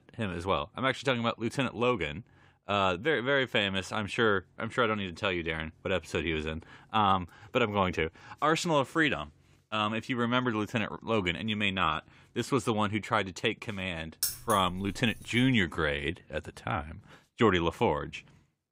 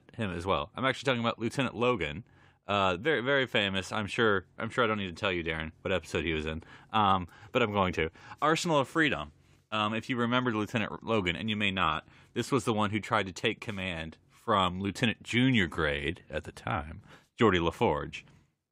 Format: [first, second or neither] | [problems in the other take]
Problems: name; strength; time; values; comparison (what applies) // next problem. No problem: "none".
second | jangling keys; noticeable; from 14 to 15 s; peak 2 dB below the speech